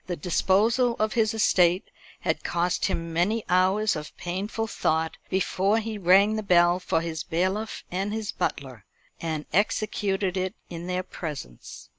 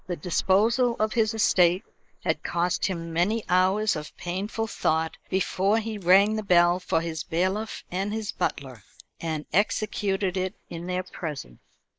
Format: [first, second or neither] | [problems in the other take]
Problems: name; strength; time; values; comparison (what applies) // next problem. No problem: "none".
first | noise reduction (neural mask model Resemble Enhance denoiser)